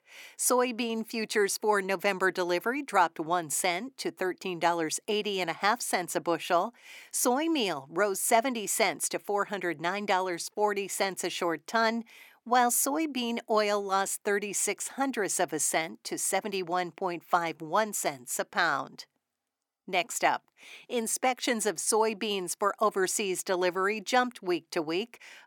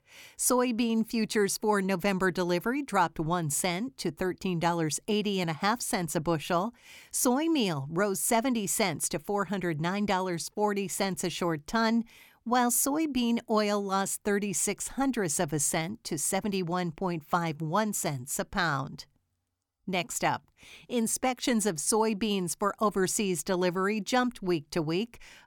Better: second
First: thin; somewhat; fading below 350 Hz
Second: none

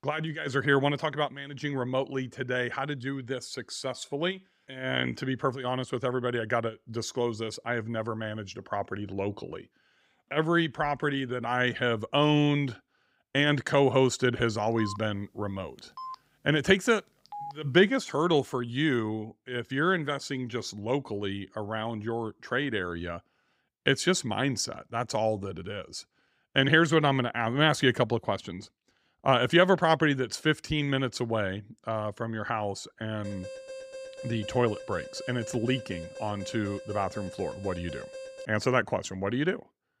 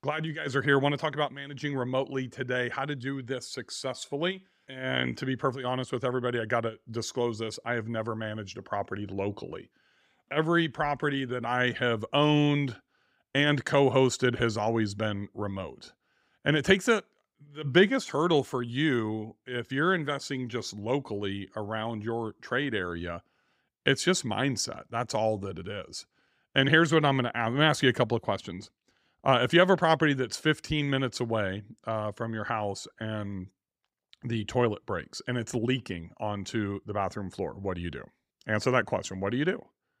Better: second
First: phone ringing; faint; from 15 to 18 s; peak 10 dB below the speech // alarm; faint; from 33 to 38 s; peak 15 dB below the speech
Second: none

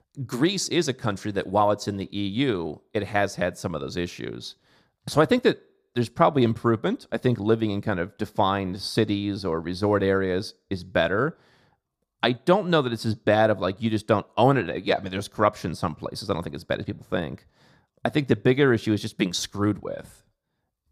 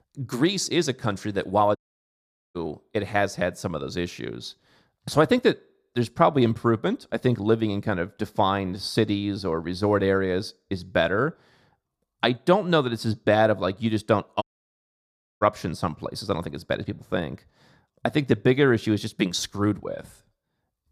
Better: first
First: none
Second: audio cutting out; at 2 s for 1 s and at 14 s for 1 s

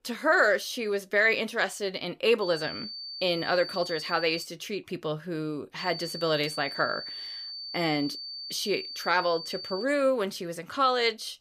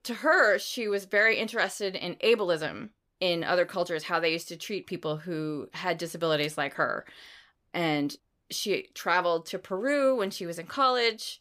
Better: second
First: high-pitched whine; loud; from 2.5 to 4.5 s and from 6 to 10 s; 4.5 kHz, 8 dB below the speech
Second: none

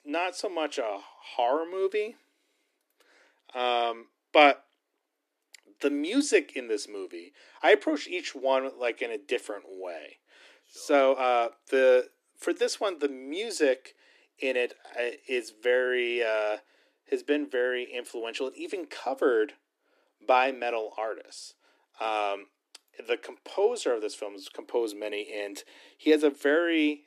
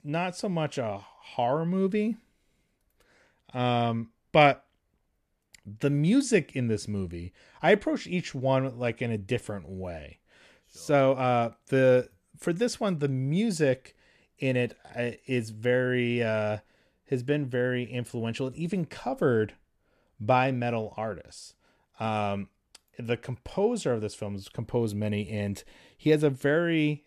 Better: second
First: thin; somewhat; fading below 300 Hz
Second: none

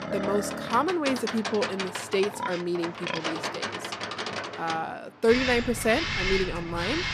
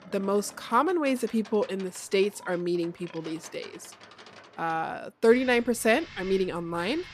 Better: second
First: animal sounds; loud; throughout; 4 dB below the speech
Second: animal sounds; faint; throughout; 20 dB below the speech

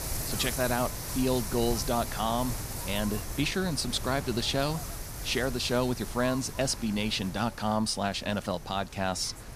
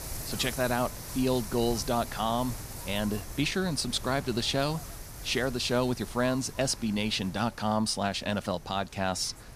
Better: second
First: wind noise on the microphone; heavy; 10 dB below the speech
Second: wind noise on the microphone; occasional gusts; 15 dB below the speech

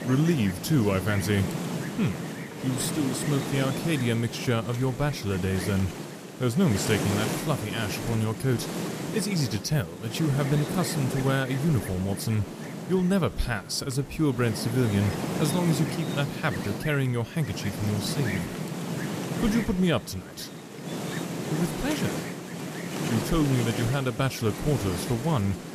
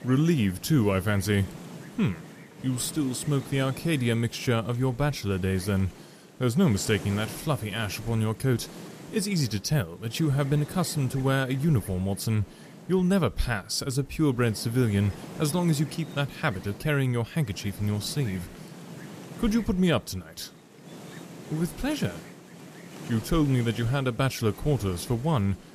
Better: second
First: wind noise on the microphone; heavy; 4 dB below the speech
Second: wind noise on the microphone; occasional gusts; 15 dB below the speech

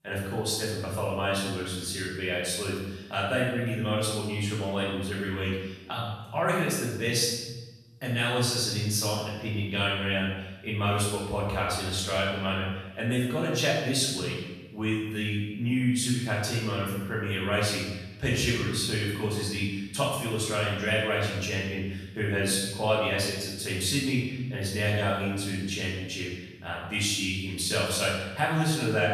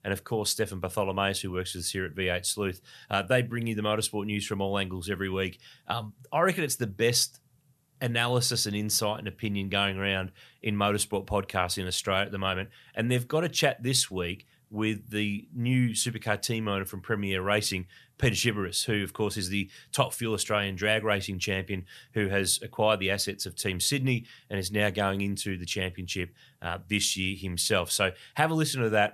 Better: second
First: room echo; strong; dies away in 1 s // off-mic speech; far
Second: none

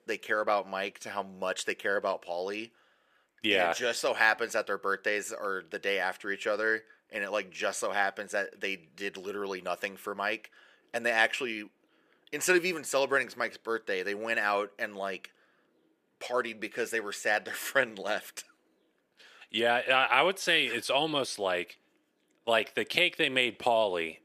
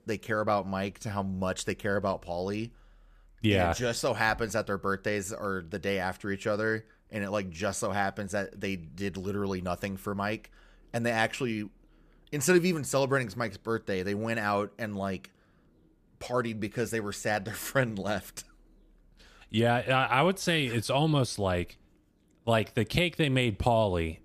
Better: second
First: thin; somewhat; fading below 450 Hz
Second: none

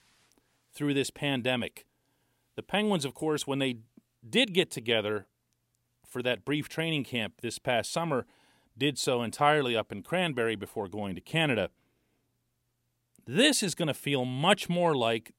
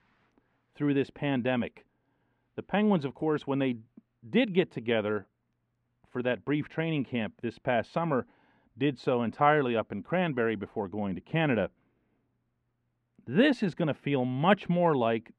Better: first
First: none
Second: muffled; very; fading above 1.5 kHz

